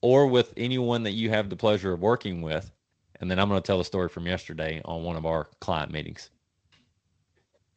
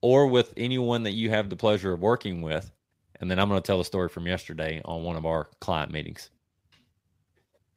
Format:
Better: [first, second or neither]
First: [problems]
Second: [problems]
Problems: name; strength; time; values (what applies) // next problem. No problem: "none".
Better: second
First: garbled, watery; slightly; nothing above 7.5 kHz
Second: none